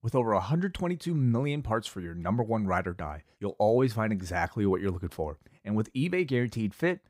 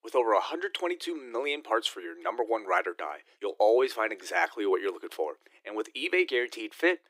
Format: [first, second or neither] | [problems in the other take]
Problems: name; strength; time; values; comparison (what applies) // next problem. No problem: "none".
first | thin; very; fading below 300 Hz